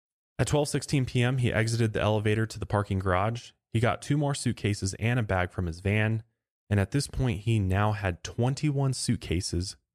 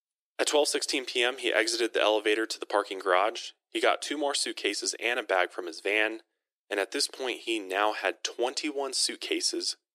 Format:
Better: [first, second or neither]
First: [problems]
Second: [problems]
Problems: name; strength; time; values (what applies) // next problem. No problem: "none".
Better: first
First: none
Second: thin; very; fading below 300 Hz